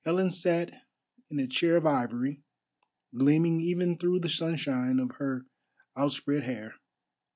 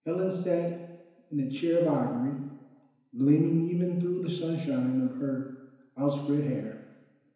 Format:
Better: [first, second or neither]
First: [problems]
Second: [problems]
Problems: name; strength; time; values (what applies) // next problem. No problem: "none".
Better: first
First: none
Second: room echo; dies away in 1 s